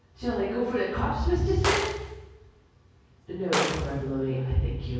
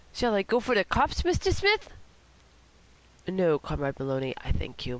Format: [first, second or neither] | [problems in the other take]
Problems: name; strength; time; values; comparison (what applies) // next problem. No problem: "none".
second | background sound (Gunshot, gunfire); 6 dB below the speech // room echo; dies away in 1.3 s